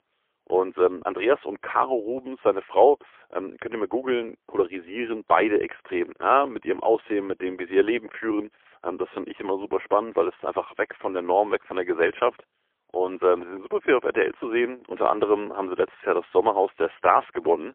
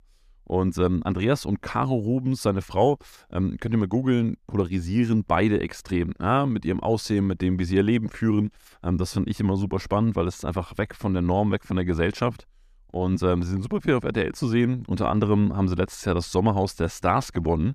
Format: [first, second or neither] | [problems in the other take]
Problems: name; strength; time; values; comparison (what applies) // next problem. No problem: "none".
second | phone-call audio; poor line; nothing above 3.5 kHz